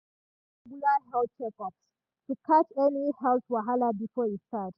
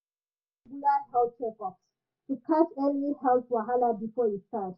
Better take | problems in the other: first | room echo; dies away in 0.1 s

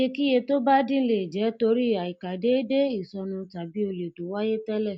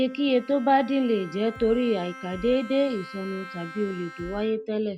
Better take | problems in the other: first | background sound (Bass drum + Bowed string instrument); 17 dB below the speech

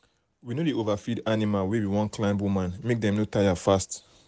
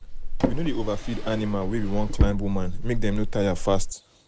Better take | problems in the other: first | background sound (Drawer open or close); 3 dB above the speech

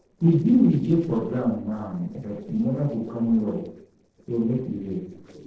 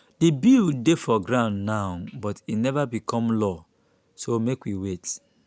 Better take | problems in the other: second | noise reduction (neural separator model SepFormer DNS4)

